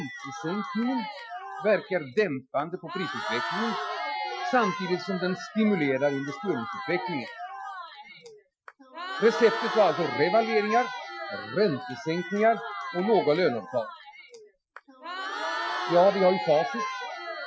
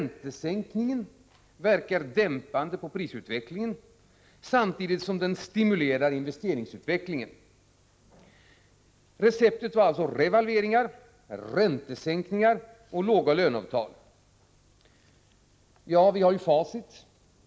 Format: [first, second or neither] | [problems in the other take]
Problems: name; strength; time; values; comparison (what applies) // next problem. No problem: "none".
second | noise reduction (classical method Wiener filter)